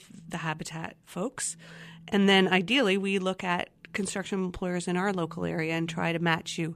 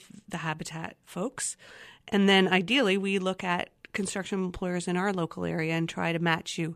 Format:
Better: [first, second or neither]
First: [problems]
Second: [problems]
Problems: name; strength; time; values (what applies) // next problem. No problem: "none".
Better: second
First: alarms or sirens; noticeable; throughout; 20 dB below the speech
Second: none